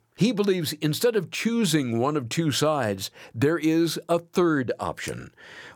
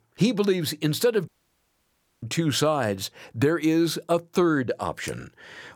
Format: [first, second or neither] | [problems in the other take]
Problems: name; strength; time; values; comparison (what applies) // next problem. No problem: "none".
first | audio cutting out; at 1.5 s for 1 s